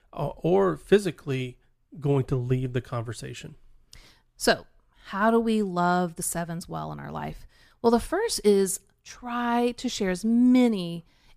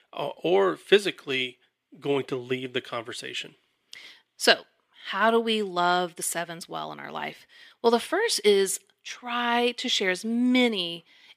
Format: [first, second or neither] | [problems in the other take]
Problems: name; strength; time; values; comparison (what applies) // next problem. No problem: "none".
first | thin; very slightly; fading below 350 Hz